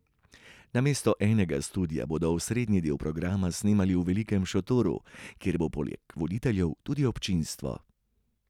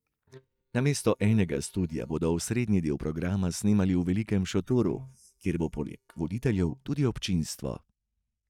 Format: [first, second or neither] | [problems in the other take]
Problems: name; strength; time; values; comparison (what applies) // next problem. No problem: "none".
first | noise reduction (neural mask model DeepFilterNet 3)